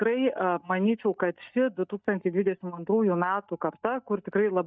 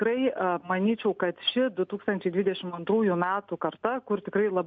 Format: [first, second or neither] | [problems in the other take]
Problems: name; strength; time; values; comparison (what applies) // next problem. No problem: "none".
second | noise reduction (neural mask model DeepFilterNet 3)